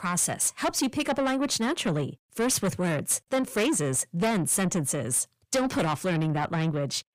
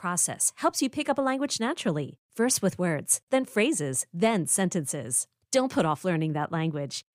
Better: second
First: distortion; heavy; 7 dB below the speech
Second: none

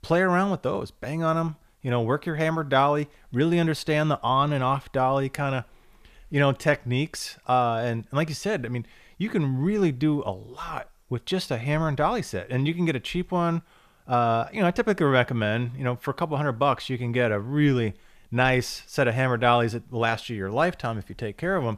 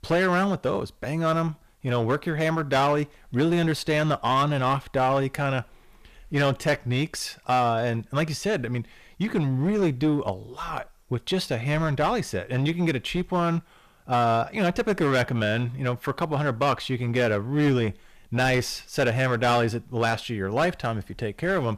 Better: first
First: none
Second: distortion; slight; 8% of the sound clipped

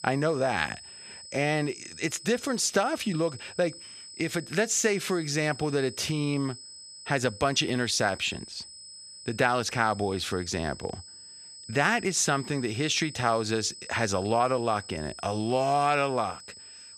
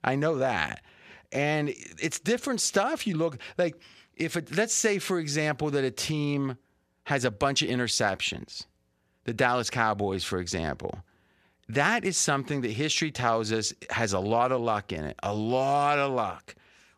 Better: second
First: high-pitched whine; noticeable; throughout; 5 kHz, 15 dB below the speech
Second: none

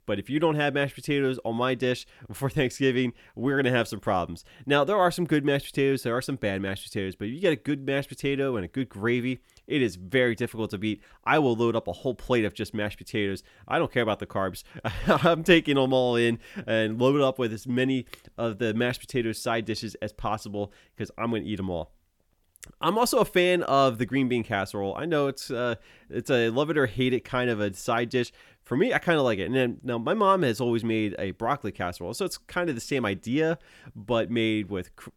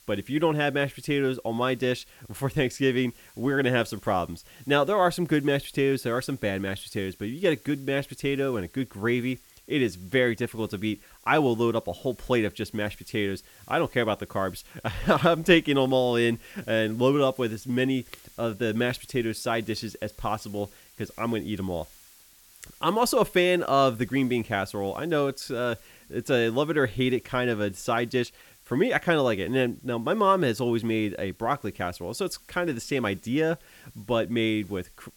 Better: first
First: none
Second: hiss; faint; throughout; 25 dB below the speech

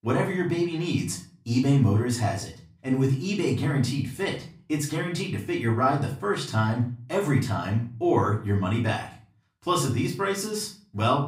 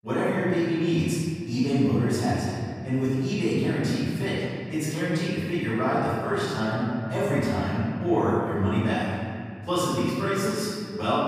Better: first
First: room echo; slight; dies away in 0.4 s // off-mic speech; far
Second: room echo; strong; dies away in 2.2 s // off-mic speech; far

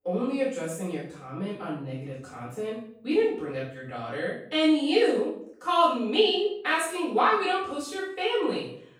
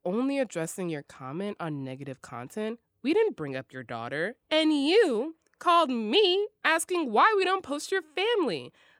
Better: second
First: off-mic speech; far // room echo; noticeable; dies away in 0.5 s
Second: none

